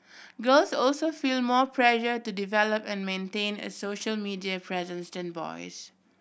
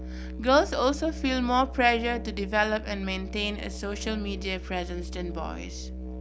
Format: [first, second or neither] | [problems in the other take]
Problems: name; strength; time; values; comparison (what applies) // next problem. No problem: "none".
first | background sound (Musical instrument); 8 dB below the speech